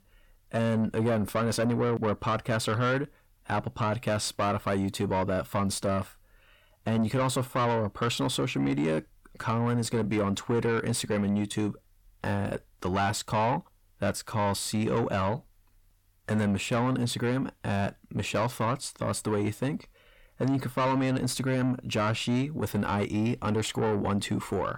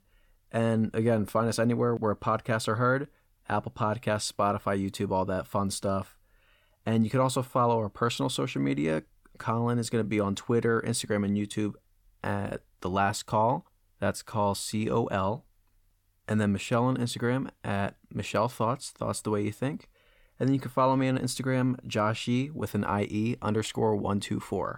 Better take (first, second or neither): second